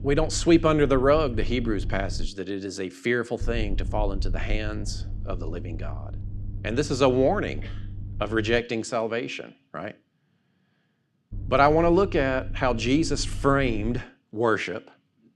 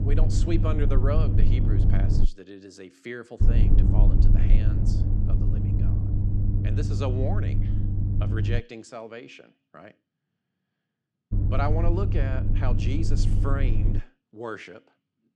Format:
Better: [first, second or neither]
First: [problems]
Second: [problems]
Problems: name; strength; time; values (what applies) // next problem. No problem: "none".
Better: first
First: low rumble; faint; until 2.5 s, from 3.5 to 8.5 s and from 11 to 14 s; 25 dB below the speech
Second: low rumble; loud; until 2.5 s, from 3.5 to 8.5 s and from 11 to 14 s; 3 dB below the speech